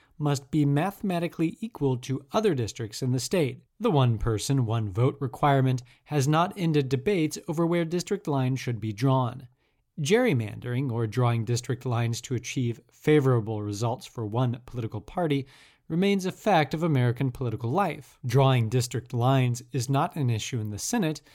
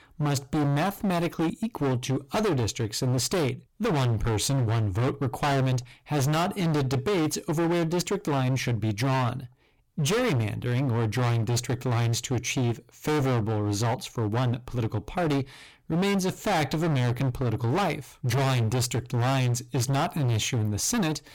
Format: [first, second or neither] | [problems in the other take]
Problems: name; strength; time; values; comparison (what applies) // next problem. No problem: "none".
first | distortion; heavy; 31% of the sound clipped